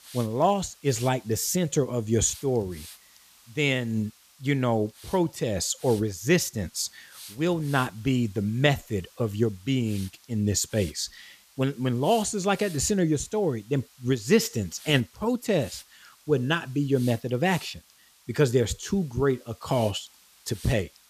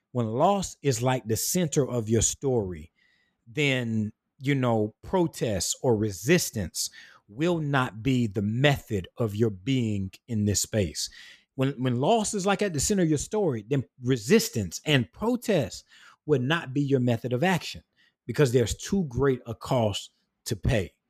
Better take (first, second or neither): second